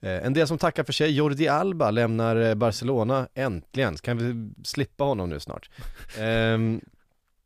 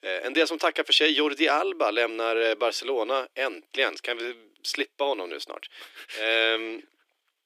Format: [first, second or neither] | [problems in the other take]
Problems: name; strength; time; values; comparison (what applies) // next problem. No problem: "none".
first | thin; somewhat; fading below 300 Hz